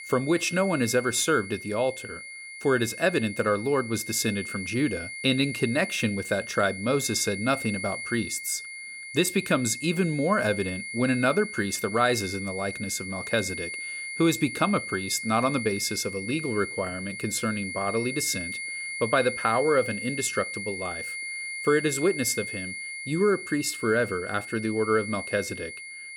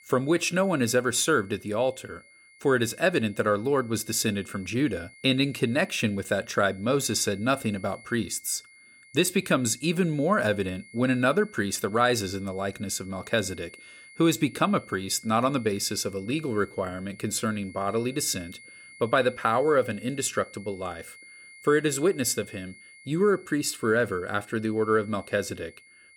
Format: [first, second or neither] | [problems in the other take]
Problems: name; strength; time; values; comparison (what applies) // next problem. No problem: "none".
second | high-pitched whine; loud; throughout; 2 kHz, 8 dB below the speech; faint in the second